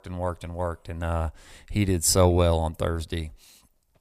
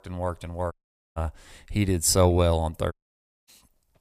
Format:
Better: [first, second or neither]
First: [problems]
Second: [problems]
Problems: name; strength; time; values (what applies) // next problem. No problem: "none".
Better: first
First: none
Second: audio cutting out; at 0.5 s and at 3 s for 0.5 s